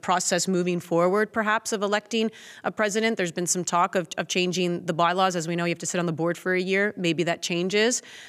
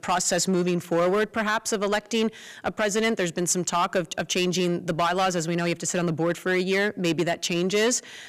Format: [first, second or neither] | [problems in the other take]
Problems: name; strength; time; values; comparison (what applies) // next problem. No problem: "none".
first | distortion; slight; 7% of the sound clipped